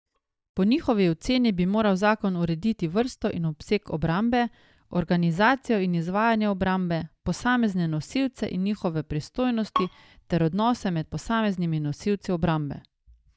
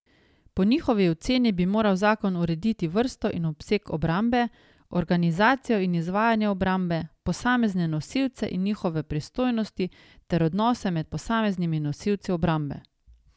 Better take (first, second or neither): second